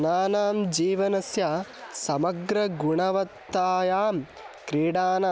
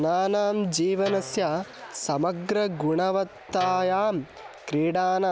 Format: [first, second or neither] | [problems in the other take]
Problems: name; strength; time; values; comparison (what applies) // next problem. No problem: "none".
first | background sound (Guitar); 16 dB below the speech